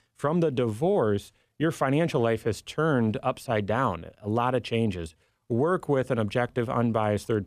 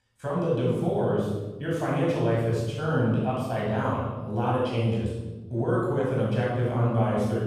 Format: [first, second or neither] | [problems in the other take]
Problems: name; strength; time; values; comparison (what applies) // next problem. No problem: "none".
first | off-mic speech; far // room echo; strong; dies away in 1.2 s